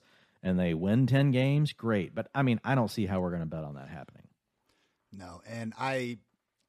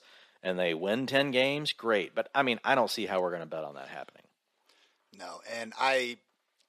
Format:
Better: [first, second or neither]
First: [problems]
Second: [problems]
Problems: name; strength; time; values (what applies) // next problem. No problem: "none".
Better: first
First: none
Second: thin; somewhat; fading below 500 Hz